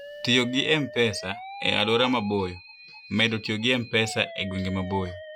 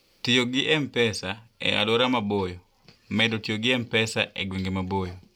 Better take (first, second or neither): second